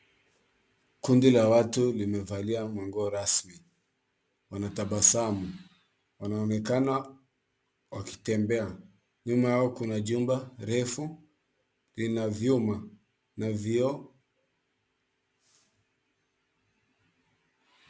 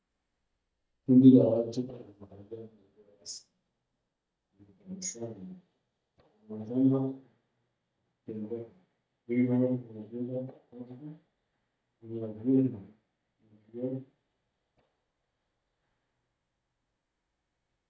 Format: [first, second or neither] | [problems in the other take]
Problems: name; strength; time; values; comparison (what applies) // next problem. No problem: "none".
first | noise reduction (neural mask model DeepFilterNet 3)